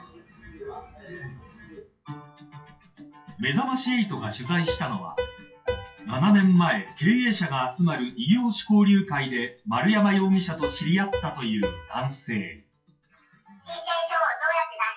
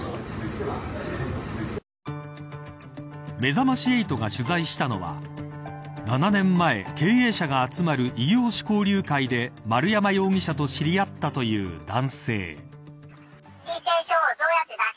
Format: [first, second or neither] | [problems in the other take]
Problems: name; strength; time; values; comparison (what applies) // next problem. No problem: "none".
second | noise reduction (classical method WPE with log-MMSE)